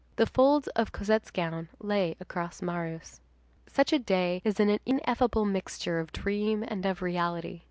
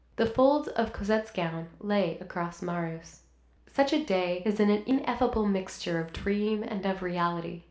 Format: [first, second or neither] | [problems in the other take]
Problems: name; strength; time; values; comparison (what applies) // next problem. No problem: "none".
first | room echo; dies away in 0.4 s